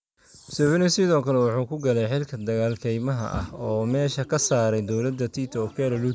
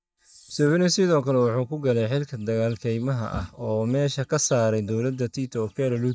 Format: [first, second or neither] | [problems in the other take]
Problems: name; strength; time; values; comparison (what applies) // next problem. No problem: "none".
first | noise reduction (neural mask model DeepFilterNet 3)